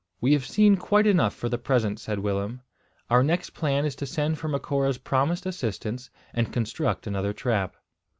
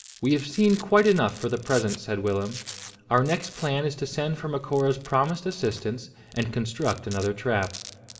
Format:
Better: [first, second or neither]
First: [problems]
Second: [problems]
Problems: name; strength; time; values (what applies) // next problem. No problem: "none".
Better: first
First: none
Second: background sound (Domestic sounds, home sounds); 18 dB below the speech // room echo; dies away in 2 s